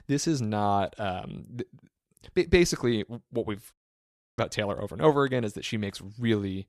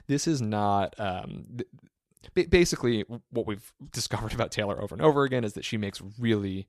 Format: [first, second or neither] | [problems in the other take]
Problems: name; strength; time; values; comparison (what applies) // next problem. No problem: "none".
second | audio cutting out; at 3.5 s for 0.5 s